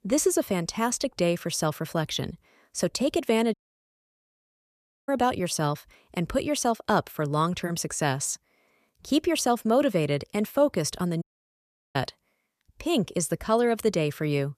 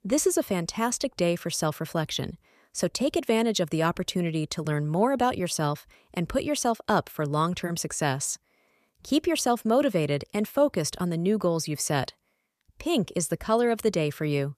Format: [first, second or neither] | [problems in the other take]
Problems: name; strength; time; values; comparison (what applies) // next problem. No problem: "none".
second | audio cutting out; at 3.5 s for 1.5 s and at 11 s for 0.5 s